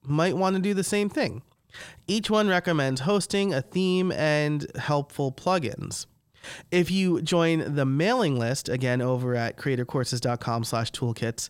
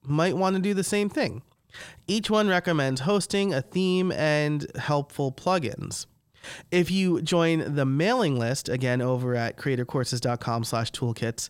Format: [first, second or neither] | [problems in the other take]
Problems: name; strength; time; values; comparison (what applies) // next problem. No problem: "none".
neither | none